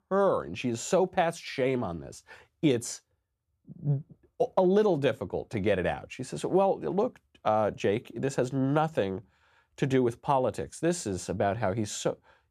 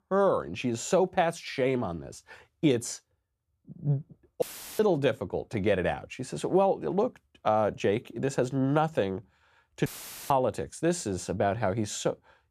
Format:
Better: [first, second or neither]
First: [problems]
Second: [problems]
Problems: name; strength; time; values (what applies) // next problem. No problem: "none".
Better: first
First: none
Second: audio cutting out; filled with static; at 4.5 s and at 10 s